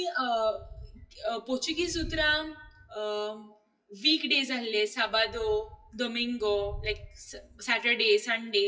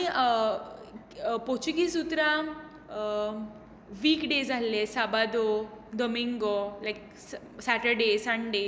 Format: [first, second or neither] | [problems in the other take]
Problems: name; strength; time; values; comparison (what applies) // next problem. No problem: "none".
second | noise reduction (classical method WPE with log-MMSE)